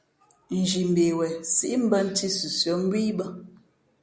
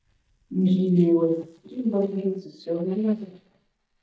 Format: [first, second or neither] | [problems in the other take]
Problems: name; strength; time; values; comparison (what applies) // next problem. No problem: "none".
first | noise reduction (neural mask model DeepFilterNet 3)